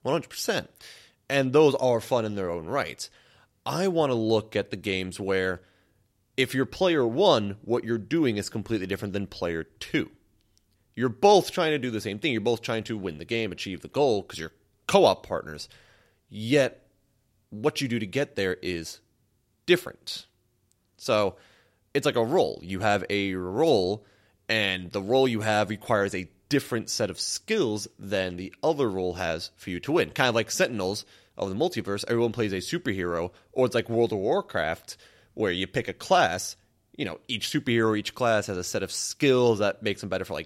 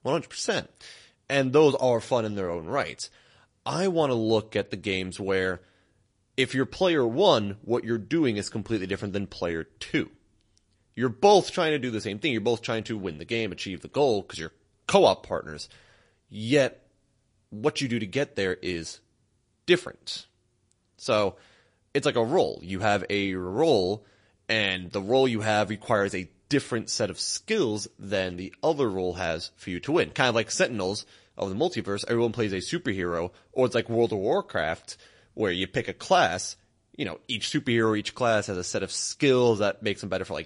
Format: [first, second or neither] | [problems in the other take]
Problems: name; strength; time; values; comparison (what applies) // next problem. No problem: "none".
first | garbled, watery; slightly; nothing above 10.5 kHz